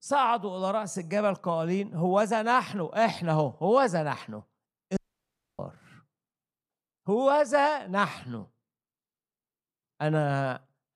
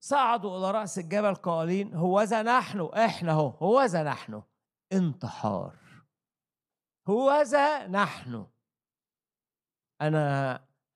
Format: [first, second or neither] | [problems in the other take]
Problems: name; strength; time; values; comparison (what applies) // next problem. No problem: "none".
second | audio cutting out; at 5 s for 0.5 s